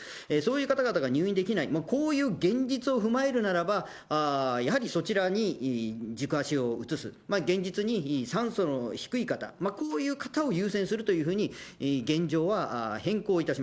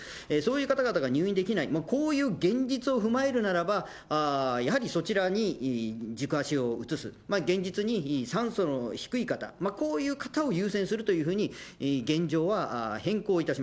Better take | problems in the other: second | noise reduction (neural mask model Resemble Enhance denoiser)

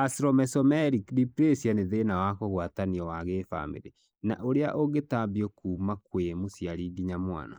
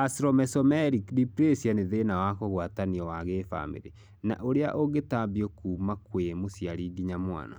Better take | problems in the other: second | noise reduction (neural mask model Resemble Enhance denoiser)

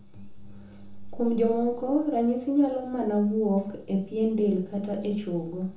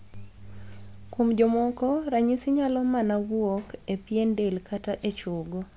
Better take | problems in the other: second | room echo; dies away in 0.8 s

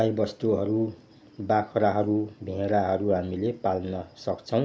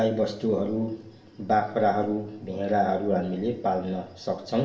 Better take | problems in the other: first | room echo; dies away in 1.1 s

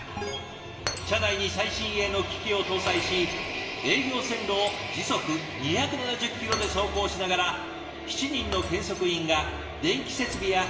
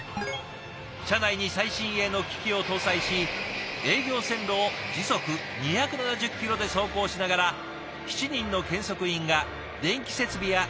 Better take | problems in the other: second | background sound (Shatter); 16 dB below the speech // room echo; dies away in 1 s

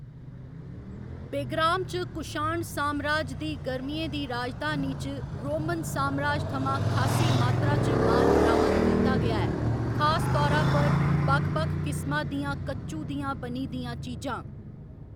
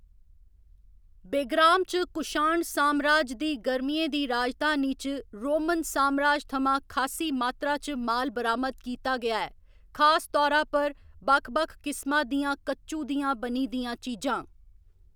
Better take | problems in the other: second | background sound (Motorcycle); 4 dB above the speech

